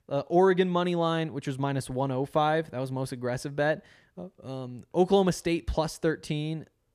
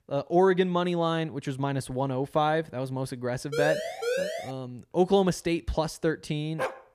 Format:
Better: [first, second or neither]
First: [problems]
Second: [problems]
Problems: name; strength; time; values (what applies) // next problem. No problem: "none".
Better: first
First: none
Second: siren; noticeable; at 3.5 s; peak 2 dB below the speech // dog barking; very faint; at 6.5 s; peak 7 dB below the speech